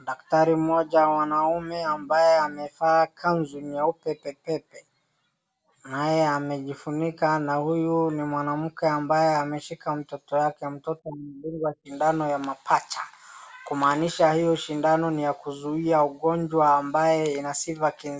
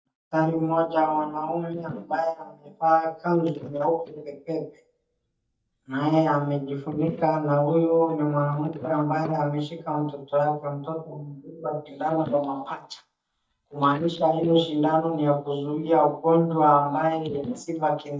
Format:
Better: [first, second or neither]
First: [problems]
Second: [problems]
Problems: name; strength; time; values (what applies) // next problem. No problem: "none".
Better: first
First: none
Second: noise reduction (neural mask model DeepFilterNet 3)